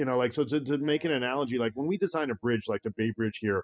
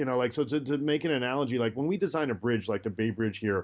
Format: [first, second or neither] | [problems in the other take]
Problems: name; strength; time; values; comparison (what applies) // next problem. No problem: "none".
second | noise reduction (classical method spectral subtraction)